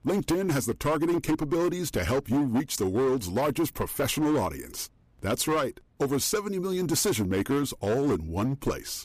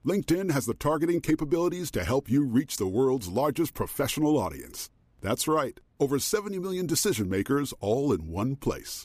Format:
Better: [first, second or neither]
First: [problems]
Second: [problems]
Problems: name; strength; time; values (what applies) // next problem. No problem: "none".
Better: second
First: distortion; slight; 13% of the sound clipped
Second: none